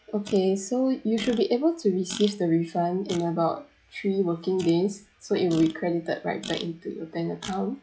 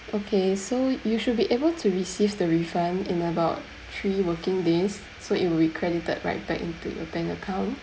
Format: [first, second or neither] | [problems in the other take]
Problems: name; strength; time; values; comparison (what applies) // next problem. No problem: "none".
second | noise reduction (classical method log-MMSE)